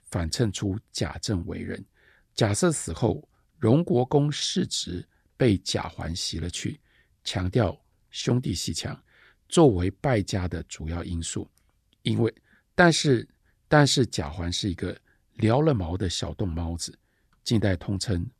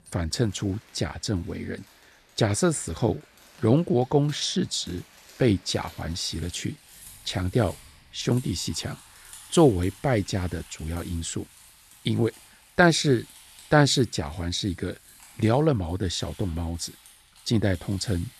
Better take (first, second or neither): first